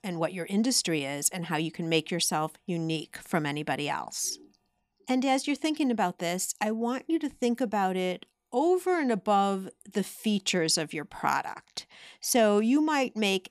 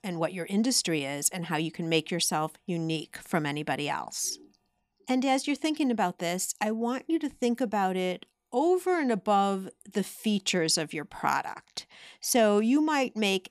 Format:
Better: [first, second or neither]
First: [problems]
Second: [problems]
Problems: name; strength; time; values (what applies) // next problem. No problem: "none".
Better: neither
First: none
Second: none